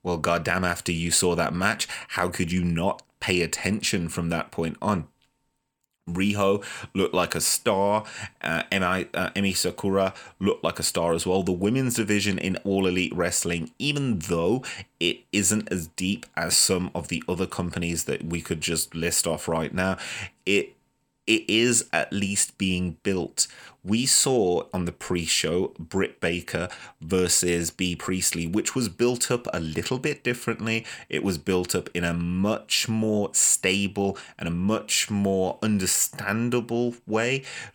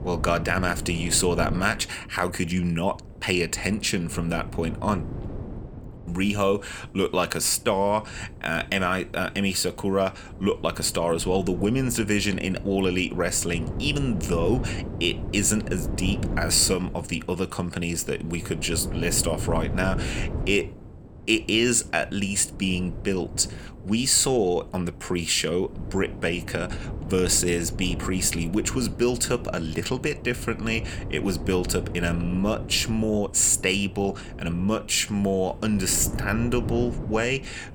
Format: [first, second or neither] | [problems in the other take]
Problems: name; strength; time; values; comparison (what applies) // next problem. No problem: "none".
first | wind noise on the microphone; occasional gusts; 15 dB below the speech